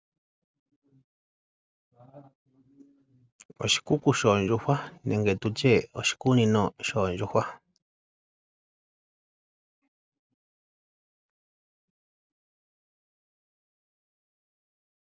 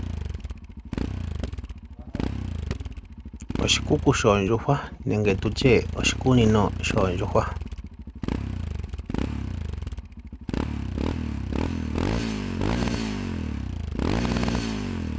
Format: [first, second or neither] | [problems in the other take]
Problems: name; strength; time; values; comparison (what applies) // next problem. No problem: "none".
first | background sound (Motorcycle); 1 dB below the speech